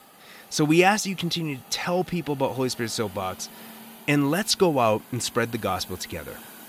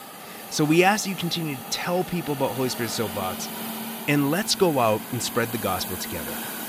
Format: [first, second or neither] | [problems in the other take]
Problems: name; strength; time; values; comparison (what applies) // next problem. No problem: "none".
first | hiss; loud; throughout; 9 dB below the speech; faint in the first